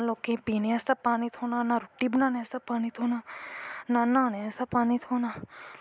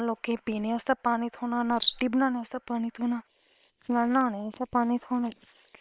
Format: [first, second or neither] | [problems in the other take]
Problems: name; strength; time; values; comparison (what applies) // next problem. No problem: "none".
first | noise reduction (neural separator model SepFormer WHAM!)